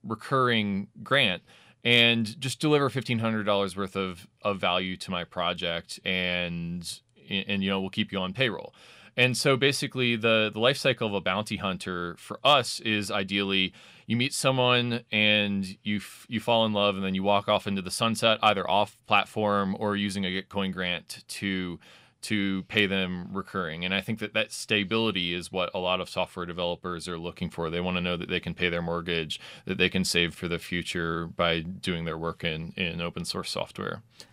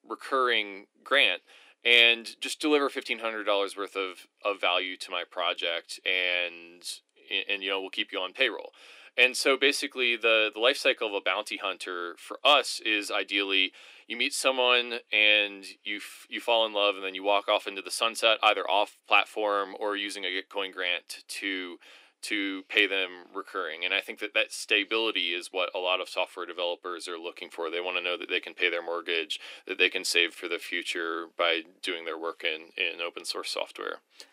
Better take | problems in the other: first | thin; somewhat; fading below 300 Hz

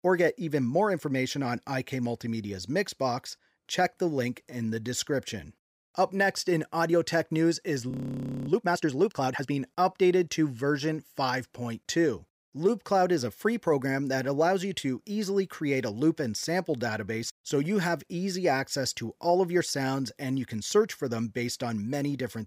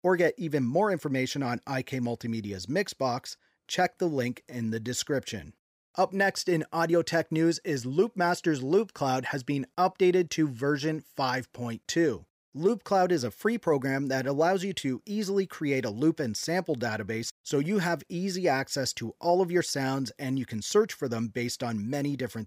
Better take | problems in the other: second | audio freezing; at 8 s for 0.5 s

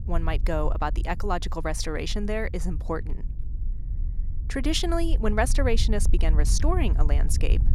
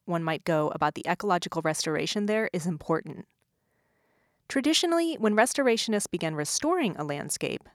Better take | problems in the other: second | wind noise on the microphone; occasional gusts; 20 dB below the speech

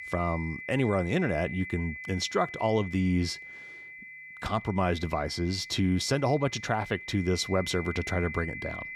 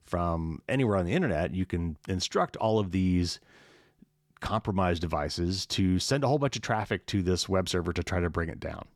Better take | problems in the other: second | high-pitched whine; noticeable; throughout; 2 kHz, 10 dB below the speech

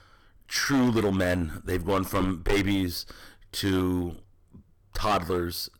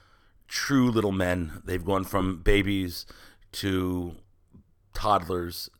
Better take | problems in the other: second | distortion; heavy; 8% of the sound clipped

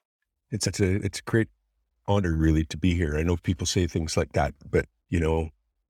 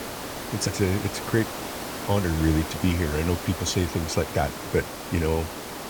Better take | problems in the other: first | hiss; loud; throughout; 7 dB below the speech

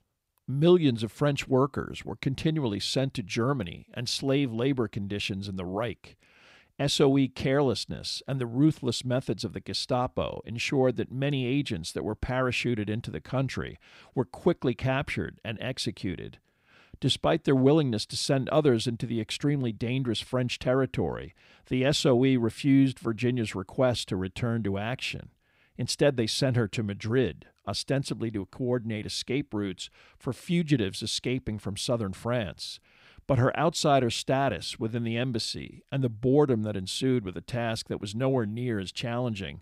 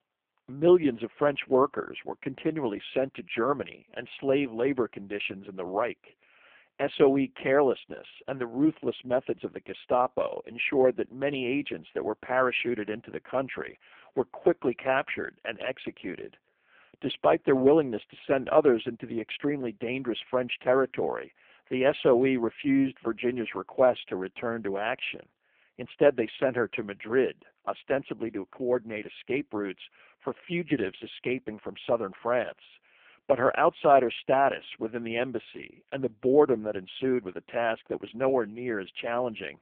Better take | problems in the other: first | phone-call audio; poor line; nothing above 3.5 kHz

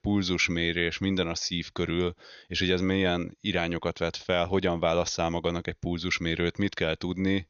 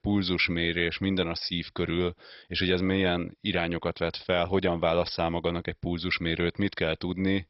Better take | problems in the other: first | garbled, watery; badly; nothing above 5.5 kHz; slightly in the first

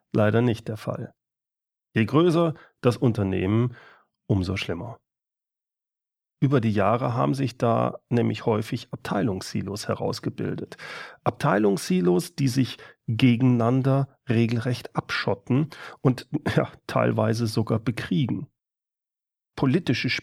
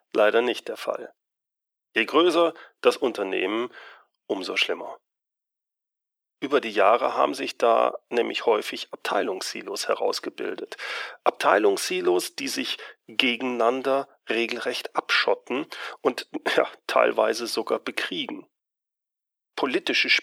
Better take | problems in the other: first | thin; very; fading below 350 Hz

